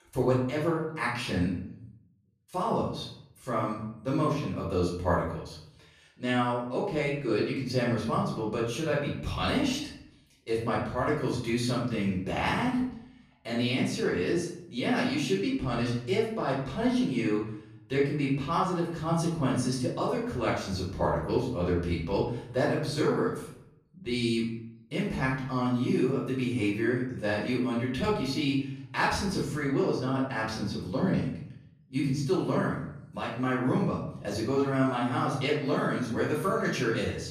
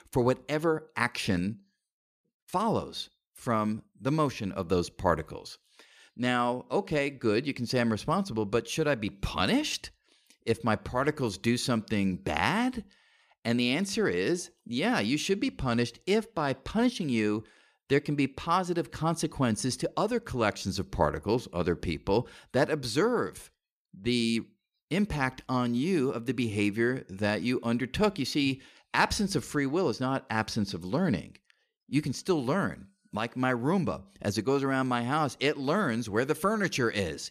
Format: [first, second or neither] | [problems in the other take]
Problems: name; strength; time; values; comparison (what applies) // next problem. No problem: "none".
second | off-mic speech; far // room echo; noticeable; dies away in 0.7 s